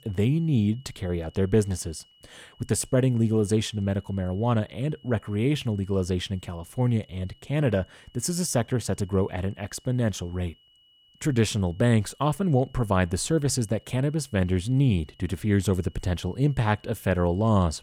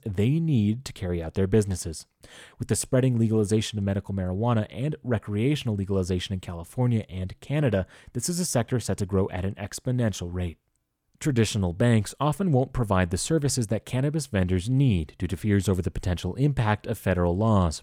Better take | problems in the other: second | high-pitched whine; faint; throughout; 3 kHz, 30 dB below the speech

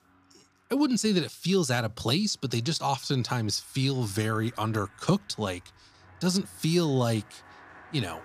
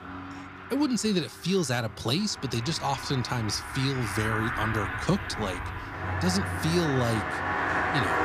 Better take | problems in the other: first | traffic noise; loud; throughout; 3 dB below the speech; faint in the first

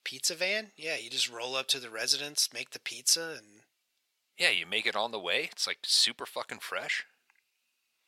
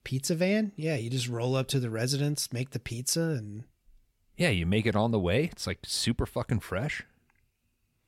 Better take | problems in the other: second | thin; very; fading below 700 Hz

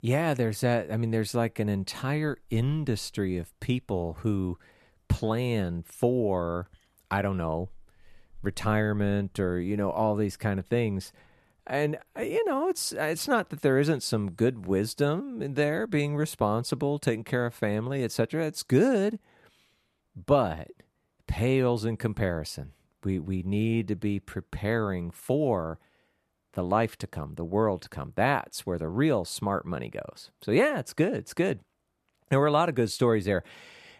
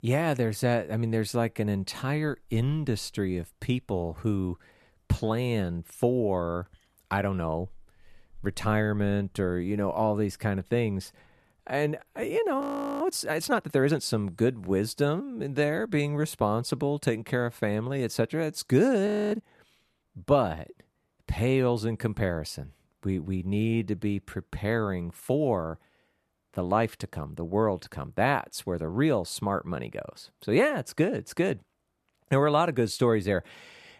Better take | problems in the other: first | audio freezing; at 13 s and at 19 s

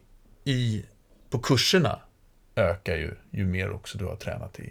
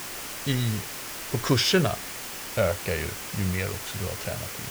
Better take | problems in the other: first | hiss; loud; throughout; 6 dB below the speech

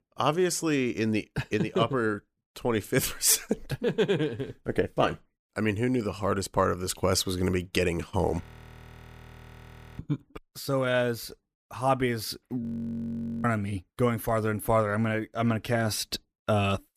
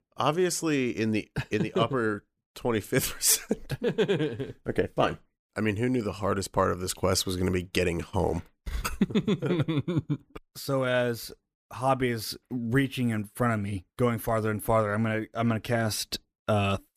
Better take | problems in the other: second | audio freezing; at 8.5 s for 1.5 s and at 13 s for 1 s

